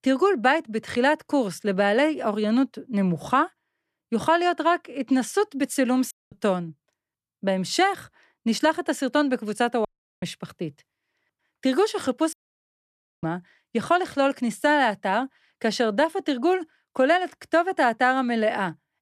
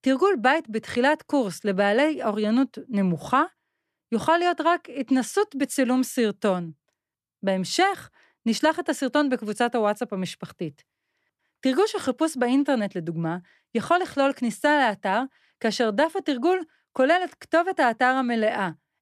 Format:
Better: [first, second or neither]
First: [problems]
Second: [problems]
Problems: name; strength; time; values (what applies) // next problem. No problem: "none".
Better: second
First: audio cutting out; at 6 s, at 10 s and at 12 s for 1 s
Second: none